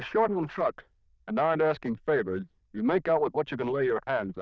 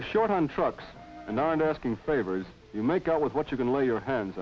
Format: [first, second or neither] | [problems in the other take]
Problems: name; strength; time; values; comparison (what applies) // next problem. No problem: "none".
second | noise reduction (neural diffusion model UNIVERSE++)